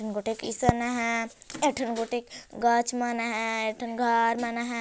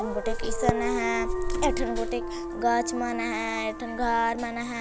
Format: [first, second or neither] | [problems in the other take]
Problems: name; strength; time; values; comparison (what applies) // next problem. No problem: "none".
first | background sound (Vehicle horn, car horn, honking + Dog); 1 dB below the speech